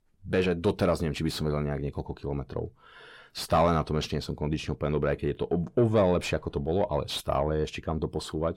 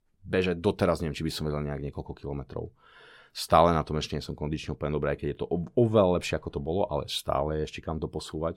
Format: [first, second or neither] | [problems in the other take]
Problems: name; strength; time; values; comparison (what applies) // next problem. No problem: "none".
second | distortion; slight; 10 dB below the speech